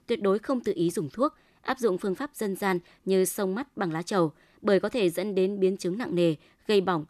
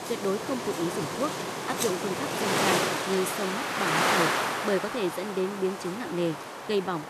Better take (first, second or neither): first